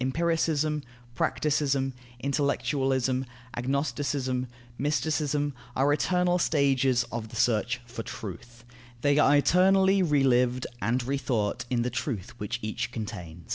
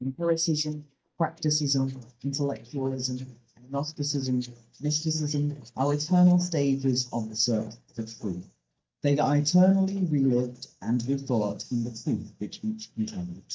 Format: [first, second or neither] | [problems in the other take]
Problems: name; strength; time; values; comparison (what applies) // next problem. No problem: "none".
first | noise reduction (neural mask model DeepFilterNet 3)